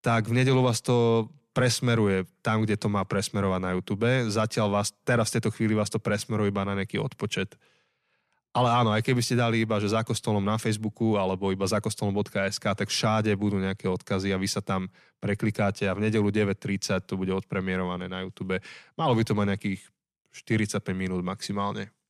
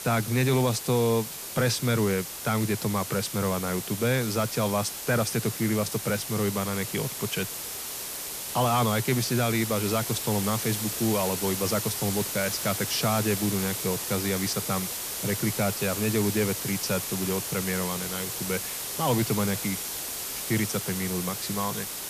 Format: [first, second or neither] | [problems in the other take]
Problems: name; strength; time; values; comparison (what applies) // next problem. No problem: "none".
first | hiss; loud; throughout; 3 dB below the speech